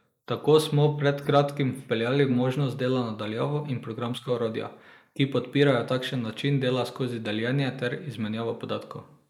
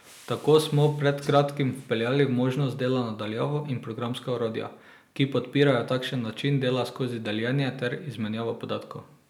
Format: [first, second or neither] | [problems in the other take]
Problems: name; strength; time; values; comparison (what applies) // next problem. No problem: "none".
second | noise reduction (neural mask model Resemble Enhance denoiser)